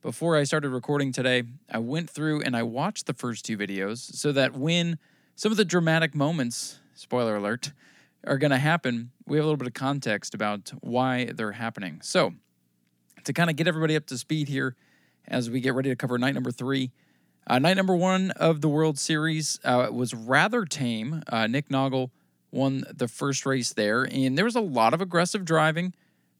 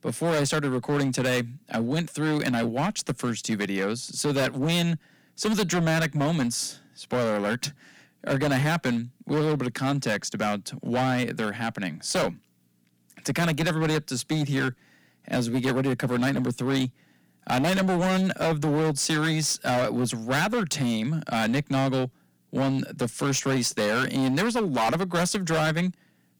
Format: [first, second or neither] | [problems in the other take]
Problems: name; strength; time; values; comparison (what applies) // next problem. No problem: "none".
first | distortion; heavy; 18% of the sound clipped